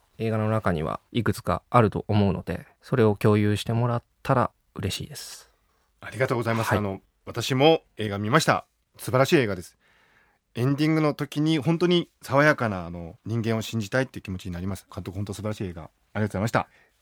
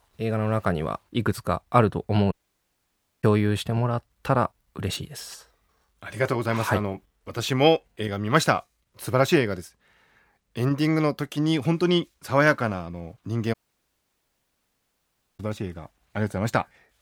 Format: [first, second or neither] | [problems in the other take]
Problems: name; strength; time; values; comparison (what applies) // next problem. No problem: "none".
first | audio cutting out; at 2.5 s for 1 s and at 14 s for 2 s